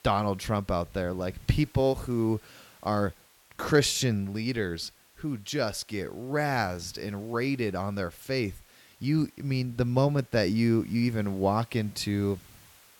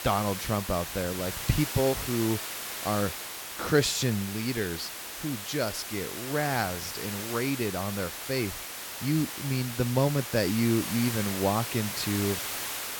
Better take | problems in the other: first | hiss; loud; throughout; 5 dB below the speech; faint in the first

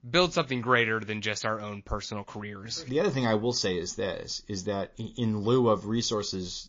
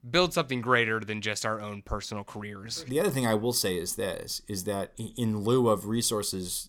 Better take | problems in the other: second | garbled, watery; slightly; nothing above 6.5 kHz

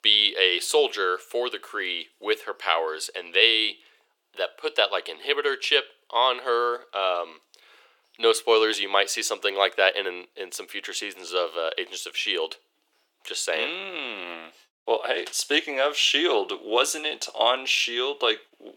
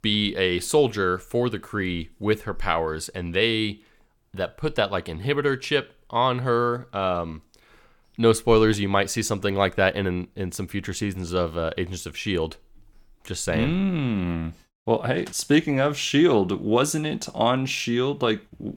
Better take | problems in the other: second | thin; very; fading below 400 Hz

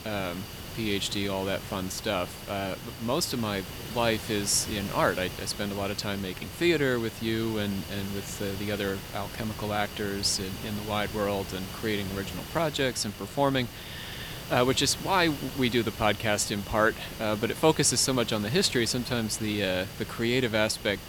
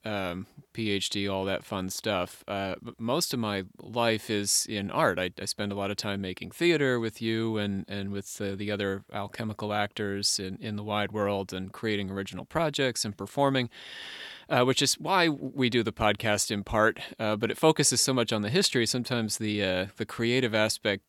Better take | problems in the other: second | hiss; noticeable; throughout; 10 dB below the speech

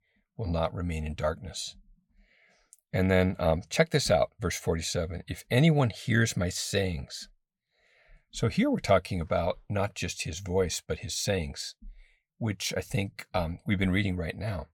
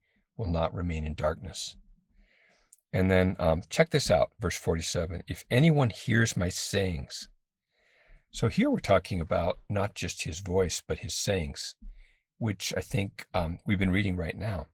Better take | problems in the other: first | garbled, watery; slightly; nothing above 17.5 kHz

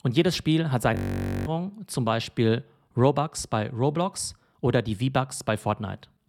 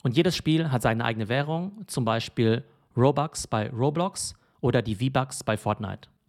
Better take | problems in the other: second | audio freezing; at 1 s for 0.5 s

